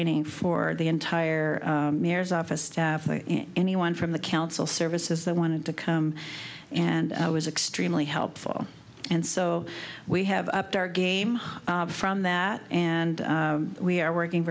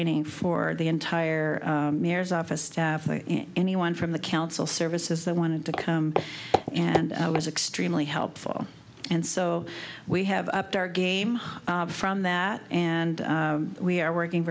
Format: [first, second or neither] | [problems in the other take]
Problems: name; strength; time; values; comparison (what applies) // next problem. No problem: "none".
first | background sound (Walk, footsteps); 5 dB below the speech